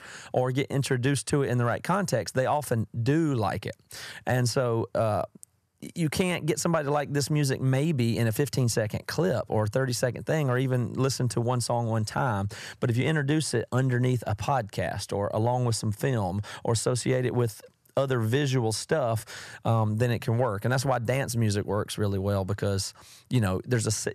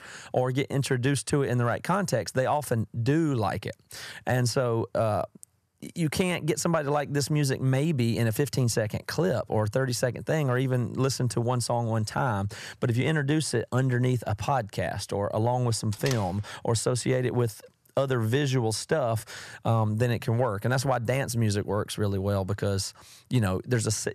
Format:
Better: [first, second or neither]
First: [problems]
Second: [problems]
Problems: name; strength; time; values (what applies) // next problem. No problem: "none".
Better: first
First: none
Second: door banging; noticeable; at 16 s; peak 9 dB below the speech